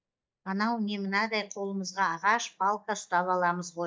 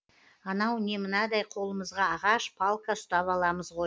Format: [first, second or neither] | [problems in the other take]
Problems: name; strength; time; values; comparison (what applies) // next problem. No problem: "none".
second | noise reduction (neural mask model DeepFilterNet 3)